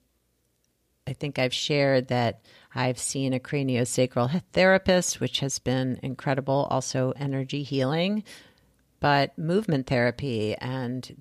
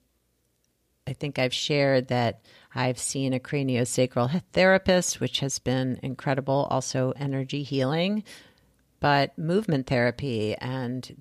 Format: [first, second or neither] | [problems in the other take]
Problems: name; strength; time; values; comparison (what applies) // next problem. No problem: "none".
neither | none